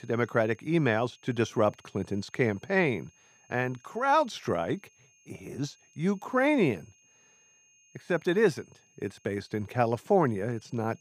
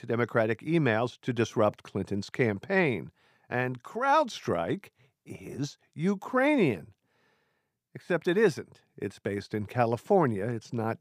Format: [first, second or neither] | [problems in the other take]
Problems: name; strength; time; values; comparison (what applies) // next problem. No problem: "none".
second | high-pitched whine; faint; throughout; 6.5 kHz, 30 dB below the speech